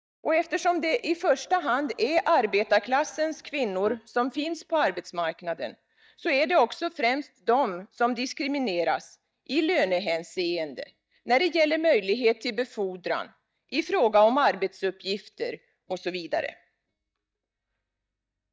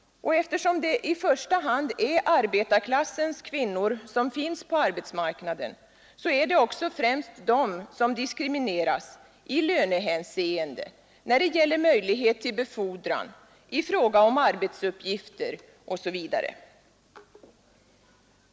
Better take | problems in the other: second | noise reduction (neural mask model DeepFilterNet 3)

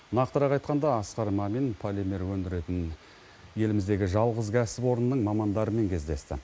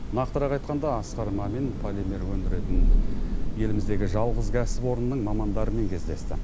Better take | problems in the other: first | background sound (Thunder / Rain); 3 dB above the speech

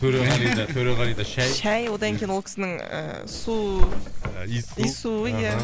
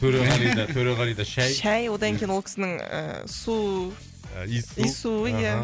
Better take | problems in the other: second | background sound (Drawer open or close); 1 dB below the speech

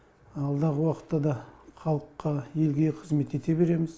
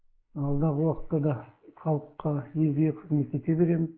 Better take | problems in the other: first | noise reduction (neural mask model Resemble Enhance denoiser)

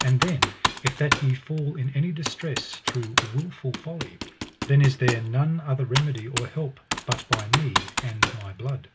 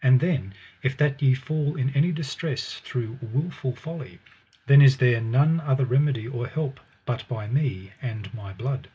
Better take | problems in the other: second | background sound (Computer keyboard); 3 dB below the speech

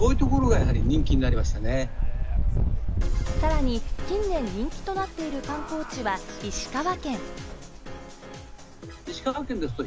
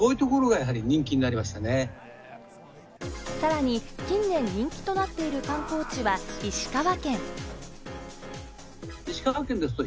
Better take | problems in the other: second | background sound (Engine); 4 dB above the speech

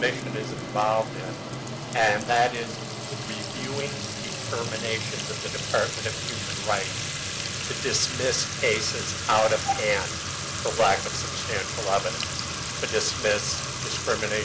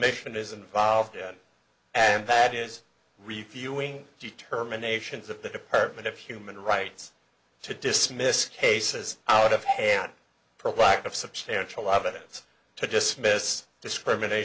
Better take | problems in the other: second | background sound (Fill (with liquid) / Trickle, dribble / Sink (filling or washing)); 3 dB below the speech

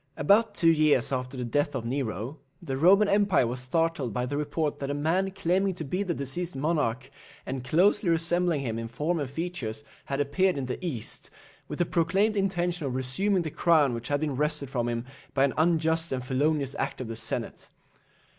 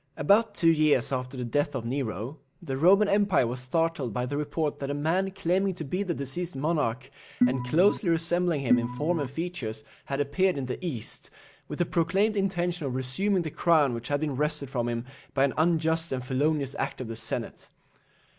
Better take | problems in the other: first | background sound (Organ); 3 dB below the speech

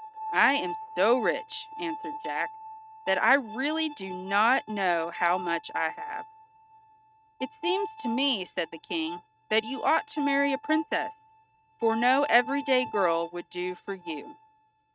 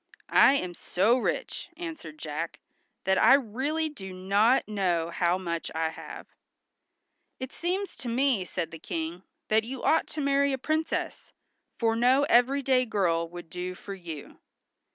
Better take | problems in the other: second | noise reduction (neural mask model RNNoise)

